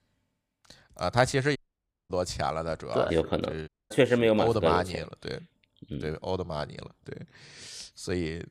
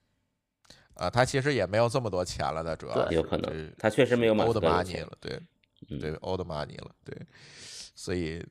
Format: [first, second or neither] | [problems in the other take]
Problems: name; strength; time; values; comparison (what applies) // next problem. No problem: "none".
second | audio cutting out; at 1.5 s for 0.5 s and at 3.5 s